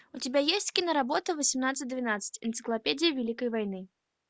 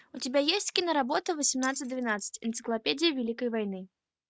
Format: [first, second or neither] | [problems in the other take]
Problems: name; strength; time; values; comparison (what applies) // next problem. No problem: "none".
first | noise reduction (neural mask model RNNoise)